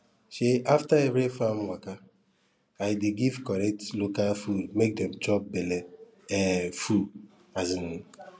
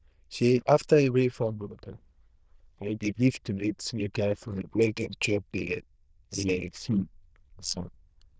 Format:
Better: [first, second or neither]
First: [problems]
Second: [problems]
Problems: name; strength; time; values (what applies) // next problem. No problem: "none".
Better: first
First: none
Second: noise reduction (neural diffusion model UNIVERSE++)